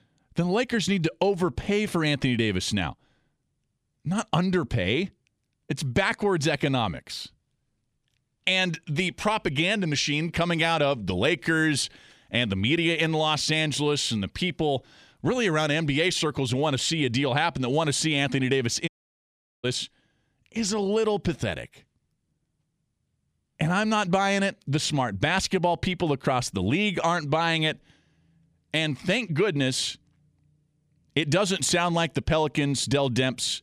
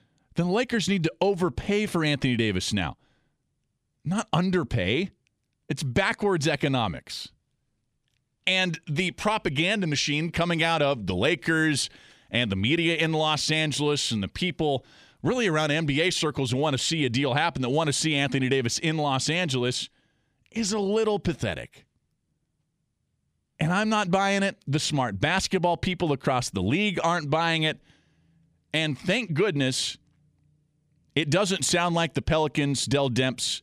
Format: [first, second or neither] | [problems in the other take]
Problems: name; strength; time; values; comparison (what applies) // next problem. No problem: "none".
second | audio cutting out; at 19 s for 1 s